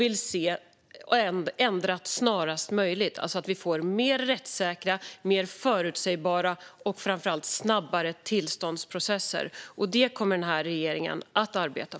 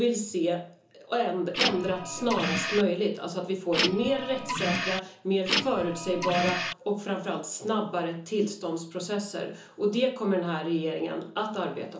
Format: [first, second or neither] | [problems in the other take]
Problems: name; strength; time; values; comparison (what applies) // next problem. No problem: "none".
first | background sound (Printer); 1 dB below the speech // room echo; dies away in 0.8 s